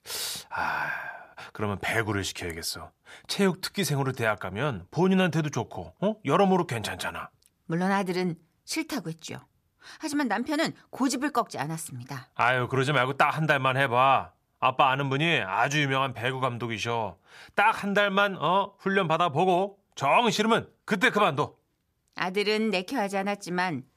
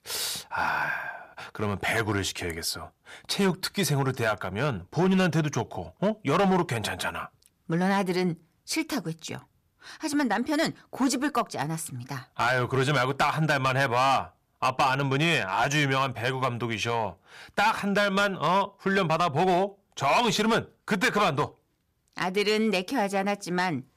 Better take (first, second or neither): first